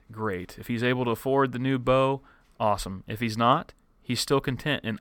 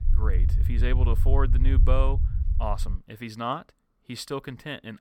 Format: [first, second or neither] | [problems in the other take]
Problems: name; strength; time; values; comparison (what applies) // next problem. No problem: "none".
first | low rumble; noticeable; until 3 s; 10 dB below the speech